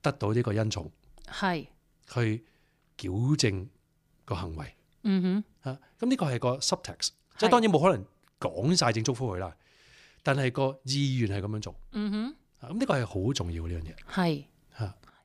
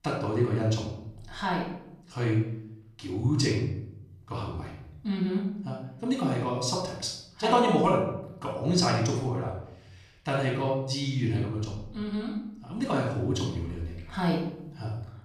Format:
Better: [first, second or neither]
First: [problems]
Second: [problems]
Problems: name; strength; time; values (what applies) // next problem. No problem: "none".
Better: first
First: none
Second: room echo; noticeable; dies away in 0.7 s // off-mic speech; far